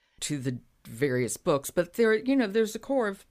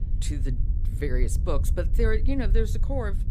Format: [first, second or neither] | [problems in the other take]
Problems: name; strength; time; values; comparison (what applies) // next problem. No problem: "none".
first | low rumble; noticeable; throughout; 15 dB below the speech